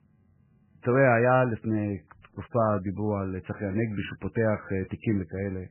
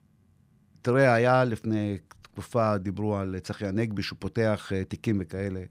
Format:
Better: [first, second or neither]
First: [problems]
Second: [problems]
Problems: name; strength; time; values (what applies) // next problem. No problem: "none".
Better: second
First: garbled, watery; badly; nothing above 2.5 kHz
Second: none